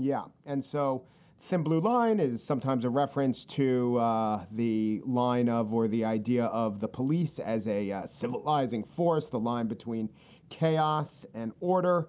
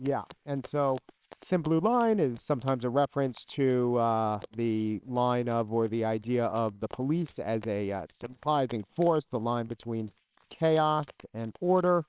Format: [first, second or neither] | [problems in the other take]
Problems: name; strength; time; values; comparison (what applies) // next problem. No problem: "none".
first | noise reduction (neural separator model SepFormer WHAMR!)